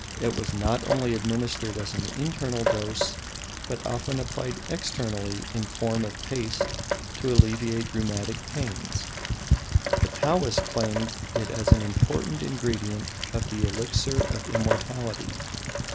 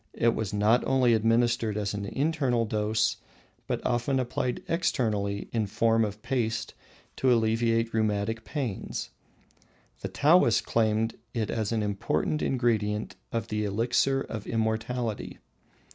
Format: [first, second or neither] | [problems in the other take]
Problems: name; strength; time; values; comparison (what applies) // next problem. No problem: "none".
second | background sound (Rain); 2 dB above the speech